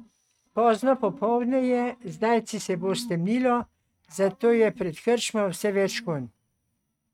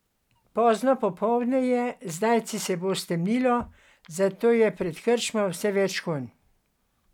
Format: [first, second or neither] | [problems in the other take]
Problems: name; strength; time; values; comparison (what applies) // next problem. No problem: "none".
second | noise reduction (neural mask model RNNoise)